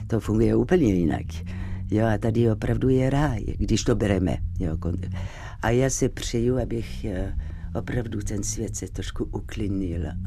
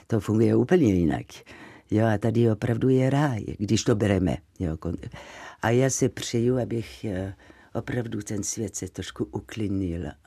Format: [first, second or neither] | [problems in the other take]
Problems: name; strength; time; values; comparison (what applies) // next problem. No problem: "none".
second | low rumble; faint; throughout; 20 dB below the speech